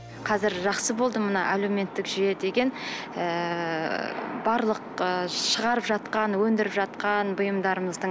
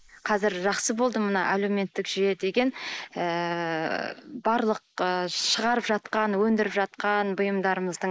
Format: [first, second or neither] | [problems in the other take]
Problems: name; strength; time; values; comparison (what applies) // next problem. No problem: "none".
first | noise reduction (neural mask model Resemble Enhance denoiser)